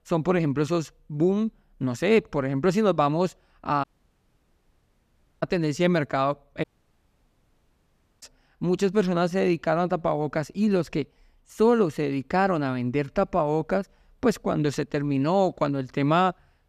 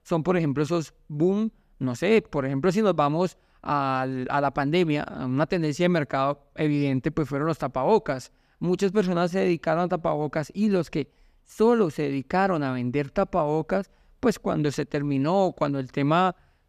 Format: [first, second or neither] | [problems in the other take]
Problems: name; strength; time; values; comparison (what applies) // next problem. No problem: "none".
second | audio cutting out; at 4 s for 1.5 s and at 6.5 s for 1.5 s